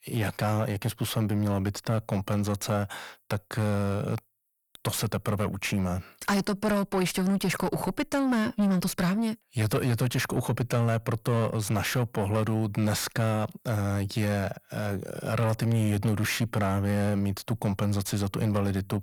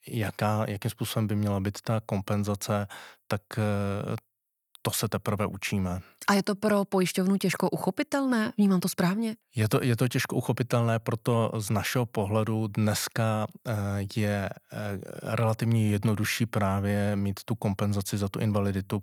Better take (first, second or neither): second